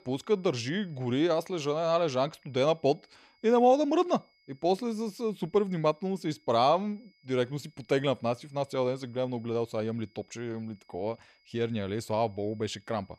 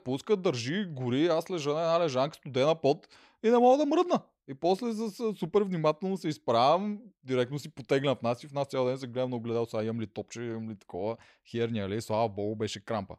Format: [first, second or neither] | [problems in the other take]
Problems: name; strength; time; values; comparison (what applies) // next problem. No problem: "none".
second | high-pitched whine; faint; throughout; 2 kHz, 35 dB below the speech